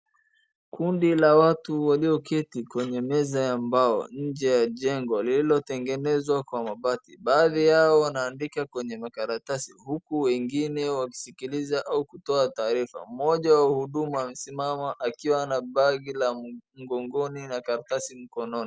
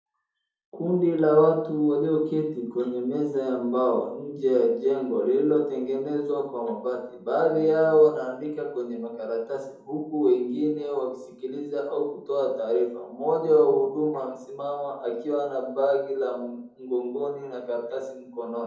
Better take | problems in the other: first | room echo; dies away in 2.6 s

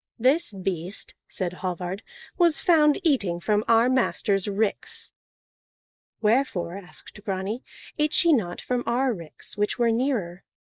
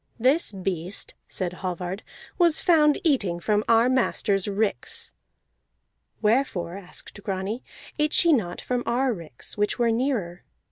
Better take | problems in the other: second | noise reduction (neural mask model Resemble Enhance denoiser)

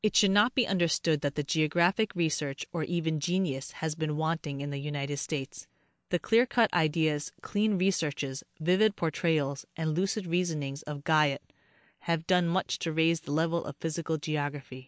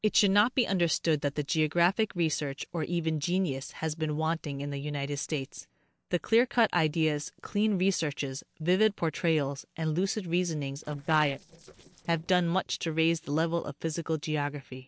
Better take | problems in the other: first | noise reduction (neural separator model SepFormer DNS4)

